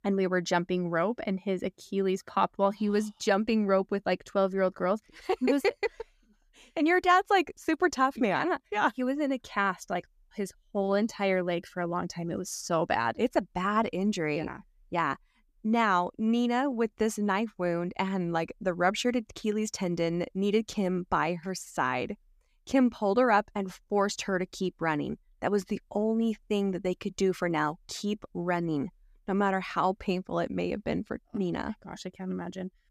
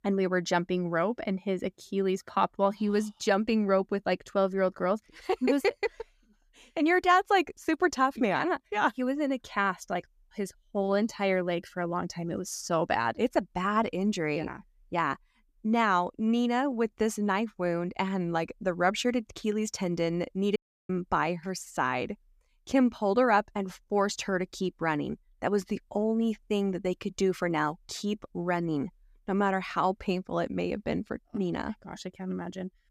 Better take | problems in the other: first | audio cutting out; at 21 s

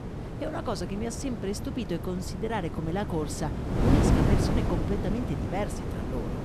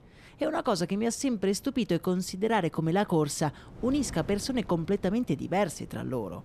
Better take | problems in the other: second | wind noise on the microphone; heavy; as loud as the speech; occasional gusts in the second

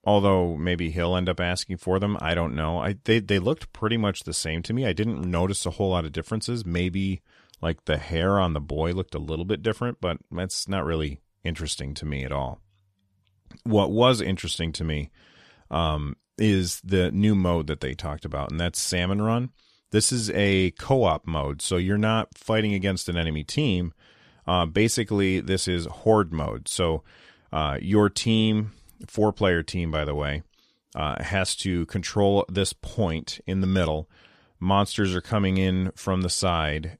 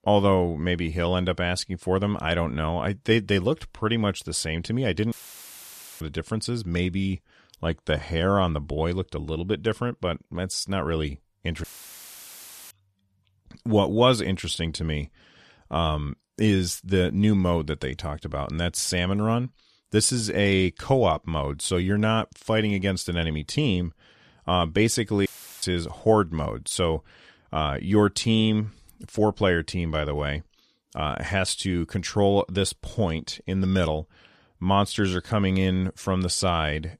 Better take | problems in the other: first | audio cutting out; filled with static; at 5 s for 1 s, at 12 s for 1 s and at 25 s

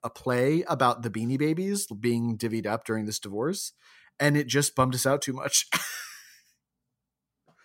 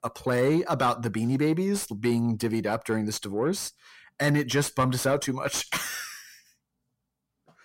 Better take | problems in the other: first | distortion; slight; 10 dB below the speech

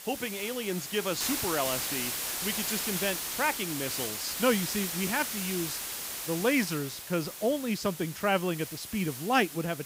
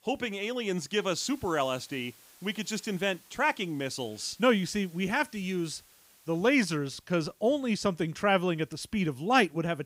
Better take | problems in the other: second | hiss; loud; throughout; 2 dB below the speech; faint in the second

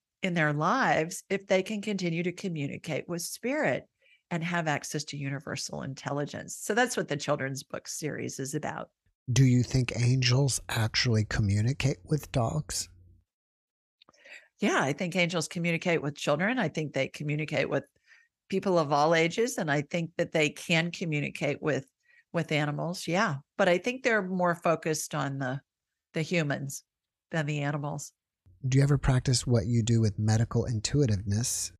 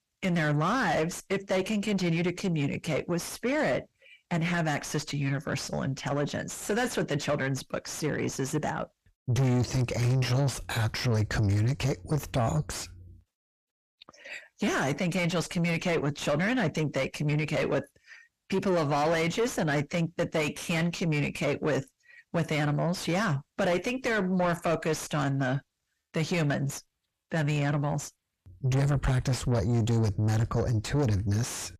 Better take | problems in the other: first | distortion; heavy; 6 dB below the speech

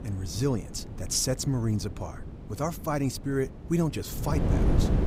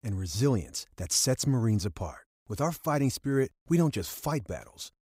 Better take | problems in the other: second | wind noise on the microphone; heavy; 9 dB below the speech

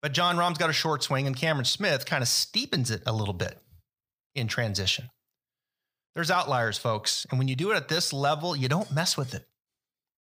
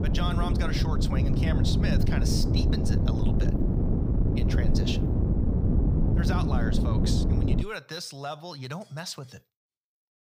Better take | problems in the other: first | wind noise on the microphone; heavy; until 7.5 s; 1 dB above the speech

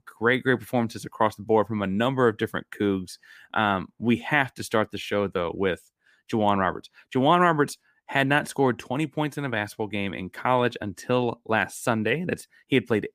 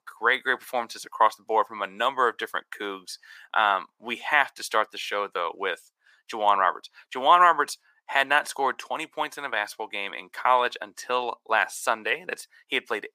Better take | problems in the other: first | thin; very; fading below 750 Hz

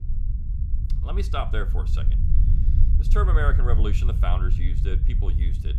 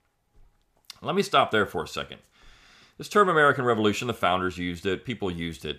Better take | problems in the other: second | low rumble; loud; throughout; 10 dB below the speech

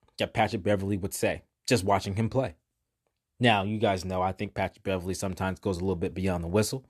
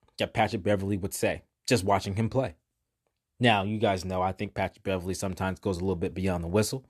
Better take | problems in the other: neither | none

